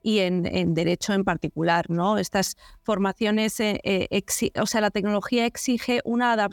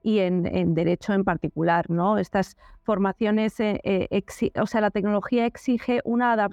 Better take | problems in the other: first | muffled; very; fading above 3 kHz

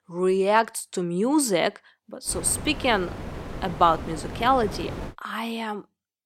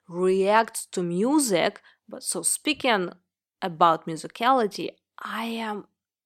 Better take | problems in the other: second | wind noise on the microphone; occasional gusts; from 2.5 to 5 s; 15 dB below the speech

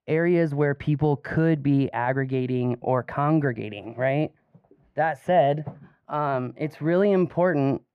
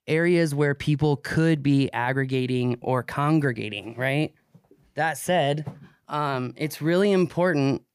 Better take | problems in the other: second | muffled; very; fading above 3.5 kHz

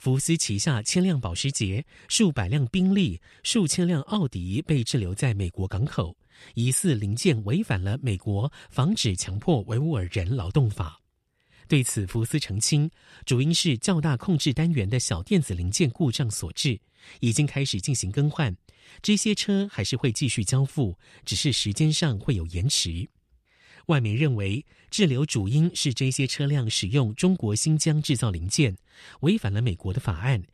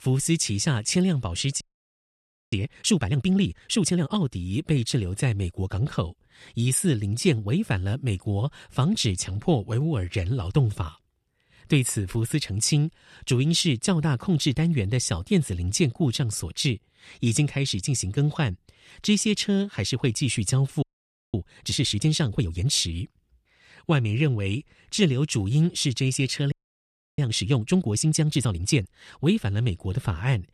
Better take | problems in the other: first | audio freezing; at 1.5 s for 1 s, at 21 s for 0.5 s and at 27 s for 0.5 s

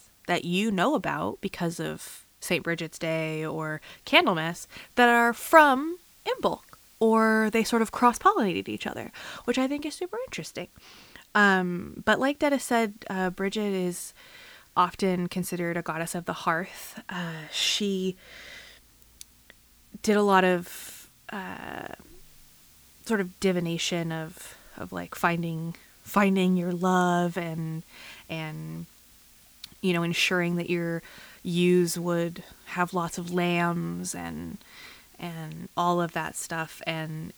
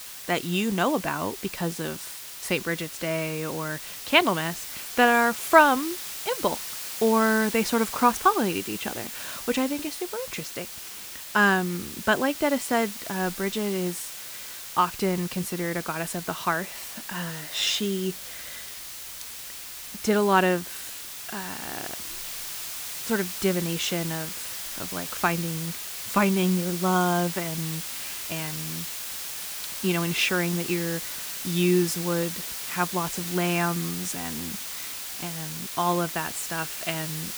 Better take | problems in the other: first | hiss; loud; throughout; 7 dB below the speech; faint in the first

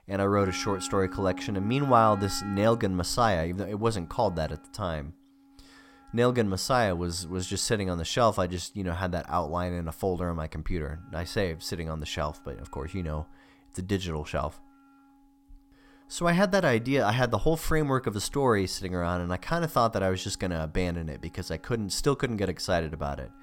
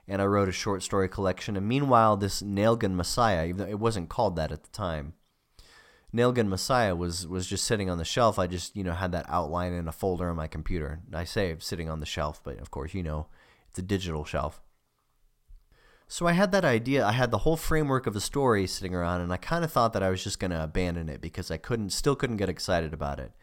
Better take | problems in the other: second | background music; noticeable; throughout; 20 dB below the speech

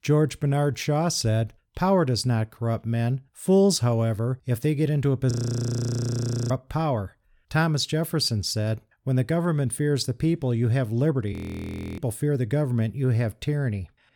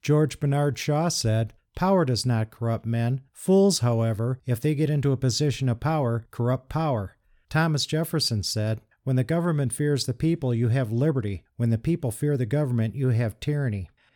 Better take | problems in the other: second | audio freezing; at 5.5 s for 1 s and at 11 s for 0.5 s

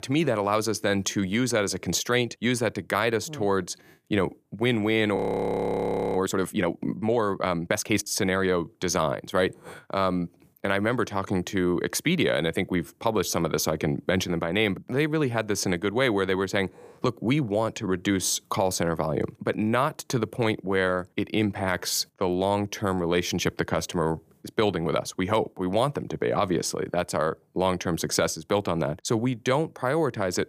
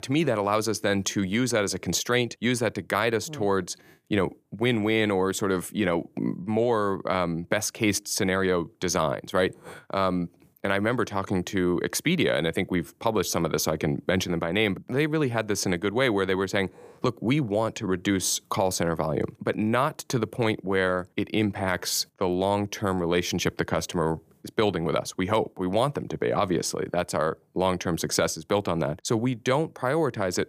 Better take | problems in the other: second | audio freezing; at 5 s for 1 s

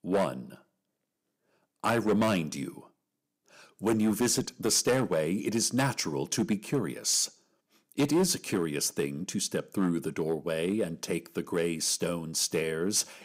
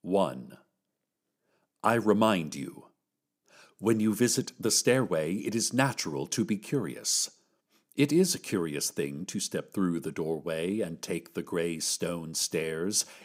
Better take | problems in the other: second | distortion; slight; 4% of the sound clipped

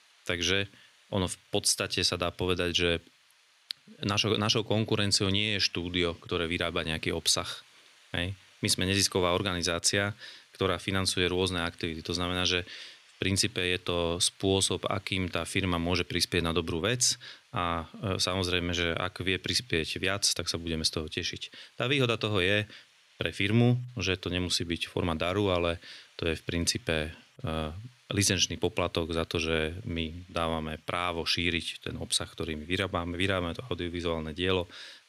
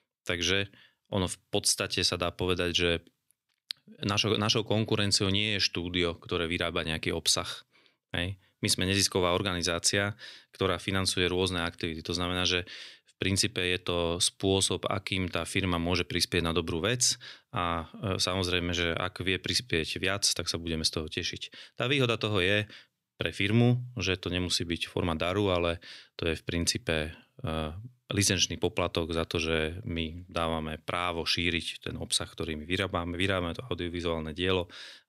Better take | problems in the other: second | hiss; faint; throughout; 30 dB below the speech

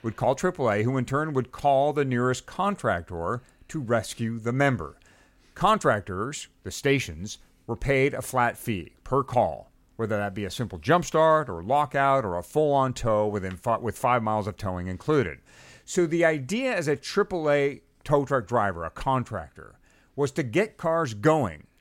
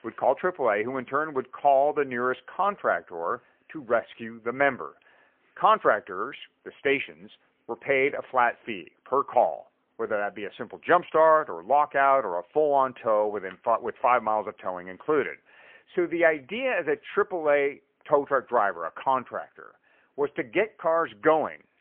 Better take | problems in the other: first | phone-call audio; poor line; nothing above 3 kHz

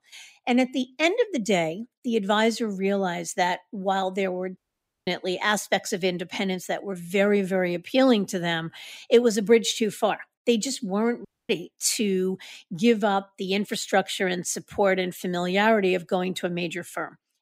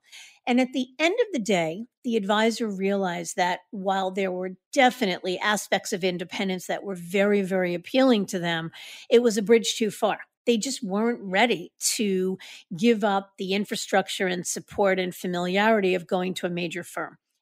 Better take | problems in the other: second | audio cutting out; at 4.5 s for 0.5 s and at 11 s

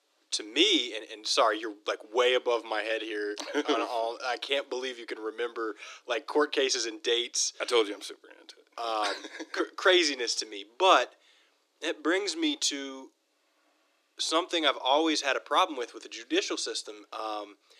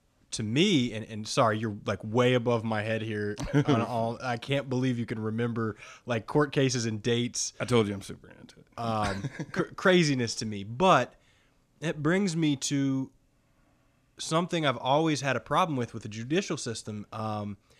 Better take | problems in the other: second | thin; somewhat; fading below 300 Hz

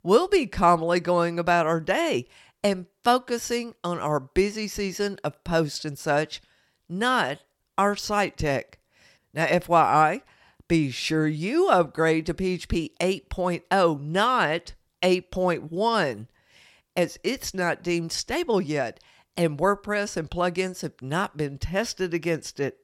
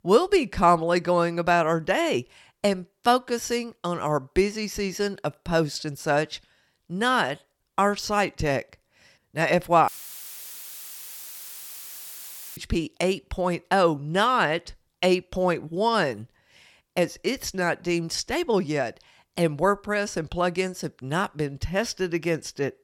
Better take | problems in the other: first | audio cutting out; filled with static; at 10 s for 2.5 s

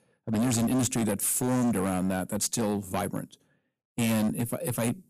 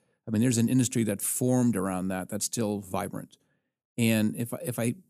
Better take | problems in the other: second | distortion; heavy; 16% of the sound clipped

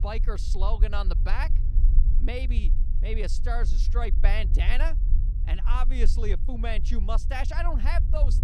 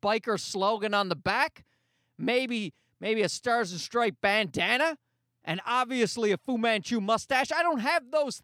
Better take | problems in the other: second | low rumble; noticeable; throughout; 15 dB below the speech

